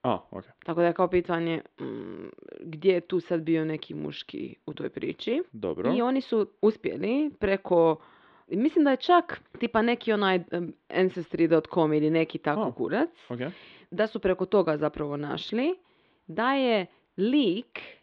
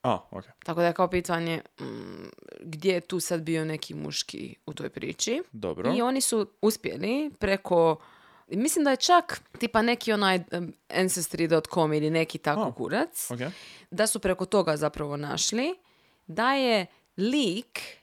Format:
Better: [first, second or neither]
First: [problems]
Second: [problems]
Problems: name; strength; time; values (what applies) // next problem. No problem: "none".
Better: second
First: muffled; very; fading above 3.5 kHz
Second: none